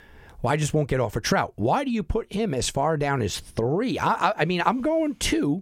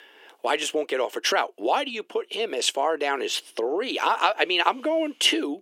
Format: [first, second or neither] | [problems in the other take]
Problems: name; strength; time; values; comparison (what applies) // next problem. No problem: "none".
first | thin; somewhat; fading below 300 Hz